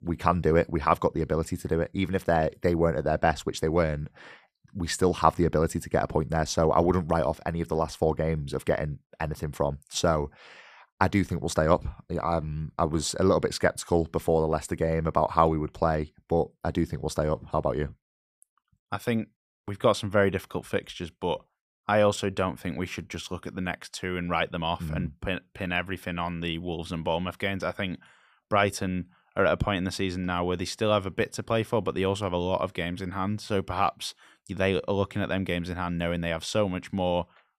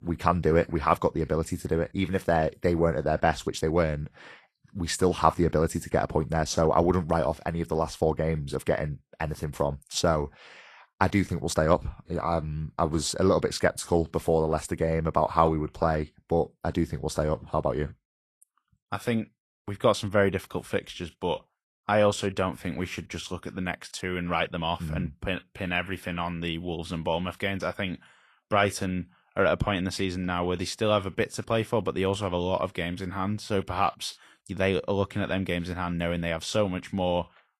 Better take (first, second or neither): first